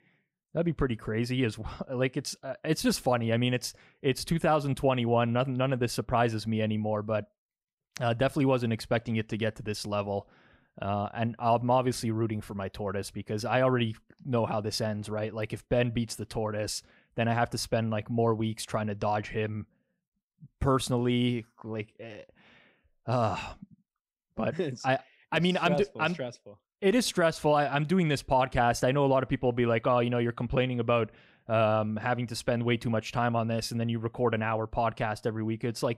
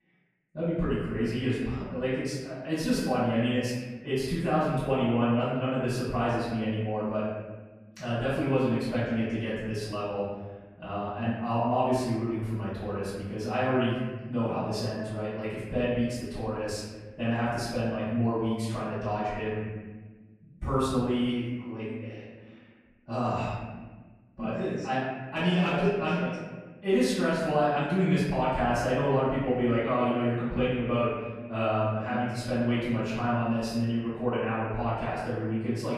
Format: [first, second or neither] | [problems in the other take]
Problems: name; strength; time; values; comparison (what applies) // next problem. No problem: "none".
first | room echo; strong; dies away in 1.4 s // off-mic speech; far